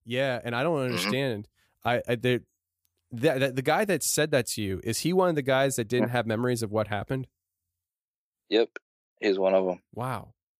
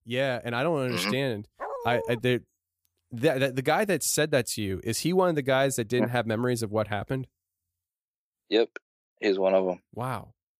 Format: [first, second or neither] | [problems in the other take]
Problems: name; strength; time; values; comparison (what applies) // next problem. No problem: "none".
first | dog barking; noticeable; at 1.5 s; peak 8 dB below the speech